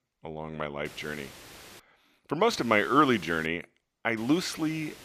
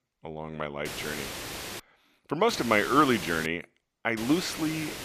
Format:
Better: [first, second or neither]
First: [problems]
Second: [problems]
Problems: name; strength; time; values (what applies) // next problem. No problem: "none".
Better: first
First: hiss; faint; at 1 s, at 2.5 s and at 4 s; 20 dB below the speech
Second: hiss; loud; at 1 s, at 2.5 s and at 4 s; 10 dB below the speech